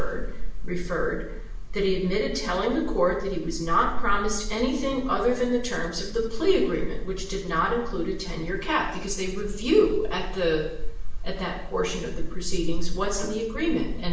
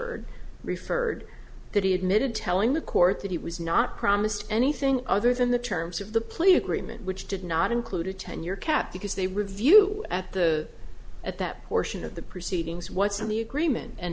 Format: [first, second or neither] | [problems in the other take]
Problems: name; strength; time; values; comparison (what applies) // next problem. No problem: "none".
second | room echo; dies away in 0.7 s